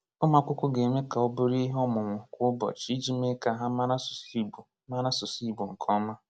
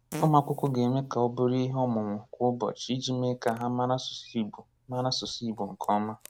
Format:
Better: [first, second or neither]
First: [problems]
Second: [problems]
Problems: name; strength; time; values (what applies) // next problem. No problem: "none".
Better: first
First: none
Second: background sound (Fart); 19 dB below the speech